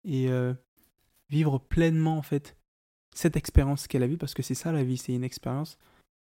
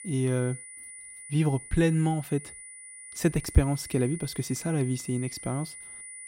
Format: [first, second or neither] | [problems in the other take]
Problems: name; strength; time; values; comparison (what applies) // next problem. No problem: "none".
first | high-pitched whine; noticeable; throughout; 9.5 kHz, 15 dB below the speech